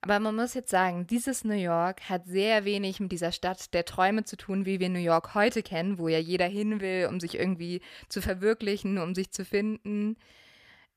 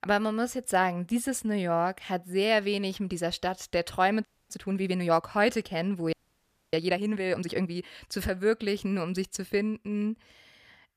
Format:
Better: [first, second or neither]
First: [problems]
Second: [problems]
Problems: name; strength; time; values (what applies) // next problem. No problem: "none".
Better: first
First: none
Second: audio freezing; at 4.5 s and at 6 s for 0.5 s